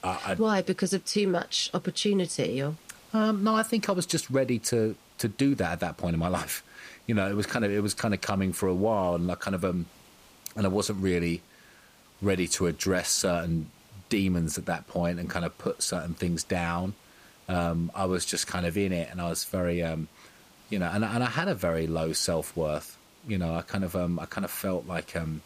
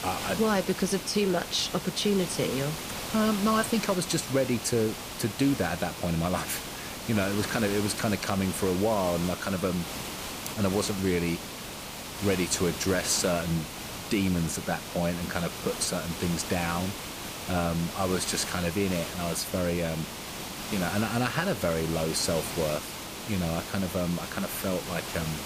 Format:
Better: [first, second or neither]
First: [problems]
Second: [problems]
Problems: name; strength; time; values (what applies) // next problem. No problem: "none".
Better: first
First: hiss; faint; throughout; 25 dB below the speech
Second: hiss; loud; throughout; 7 dB below the speech